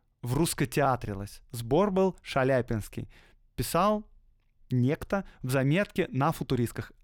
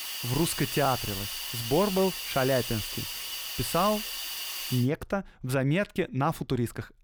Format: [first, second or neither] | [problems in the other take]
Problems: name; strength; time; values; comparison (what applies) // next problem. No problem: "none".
first | hiss; loud; until 5 s; 4 dB below the speech